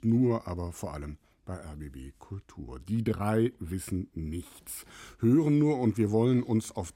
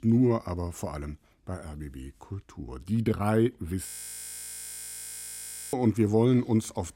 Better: first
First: none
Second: audio freezing; at 4 s for 2 s

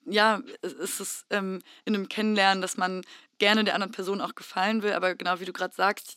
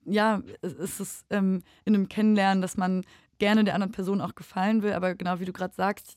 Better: second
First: thin; somewhat; fading below 250 Hz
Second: none

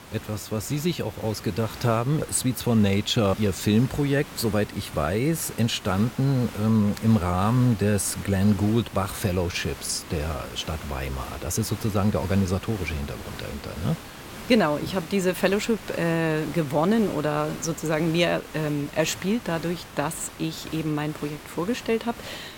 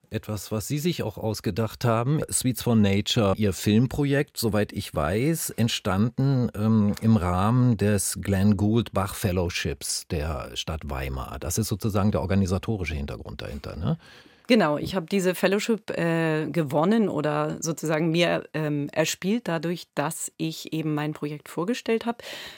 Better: second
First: hiss; noticeable; throughout; 15 dB below the speech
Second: none

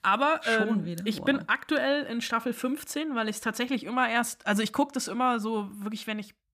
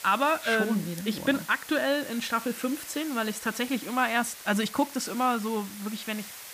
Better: first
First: none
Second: hiss; noticeable; throughout; 15 dB below the speech

